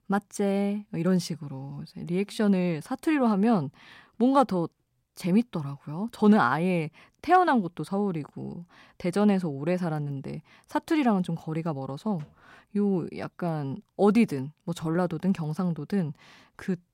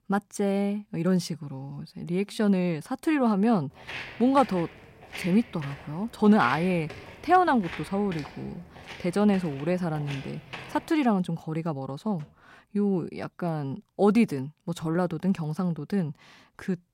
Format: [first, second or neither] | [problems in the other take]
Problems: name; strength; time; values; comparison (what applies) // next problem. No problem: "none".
first | footsteps; noticeable; from 4 to 11 s; peak 9 dB below the speech